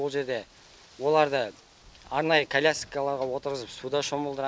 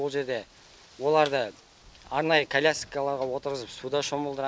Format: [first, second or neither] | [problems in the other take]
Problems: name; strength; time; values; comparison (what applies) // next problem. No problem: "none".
first | background sound (Thump, thud); 20 dB below the speech